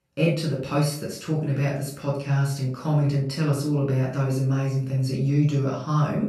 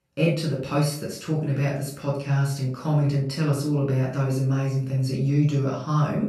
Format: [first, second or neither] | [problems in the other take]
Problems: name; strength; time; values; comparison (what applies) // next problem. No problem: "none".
neither | off-mic speech; far; the same in both // room echo; noticeable; dies away in 0.4 s; the same in both